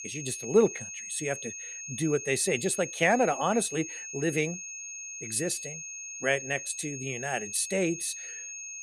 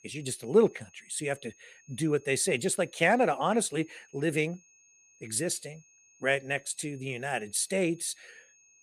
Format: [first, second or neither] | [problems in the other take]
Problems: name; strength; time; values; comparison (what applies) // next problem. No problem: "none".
second | high-pitched whine; loud; throughout; 6.5 kHz, 8 dB below the speech; faint in the second